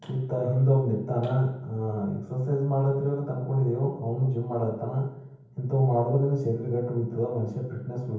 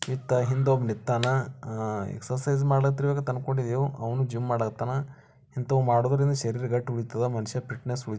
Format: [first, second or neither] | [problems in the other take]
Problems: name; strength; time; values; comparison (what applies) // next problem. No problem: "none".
second | room echo; dies away in 0.9 s